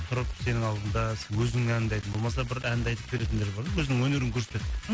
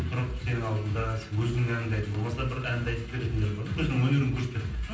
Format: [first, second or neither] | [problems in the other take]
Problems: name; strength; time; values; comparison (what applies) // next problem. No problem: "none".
first | room echo; dies away in 0.6 s